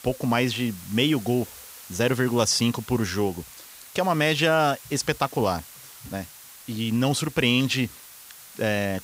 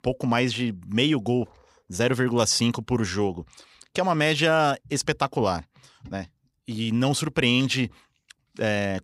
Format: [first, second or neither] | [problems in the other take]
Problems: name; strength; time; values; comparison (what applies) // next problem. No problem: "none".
second | hiss; noticeable; throughout; 20 dB below the speech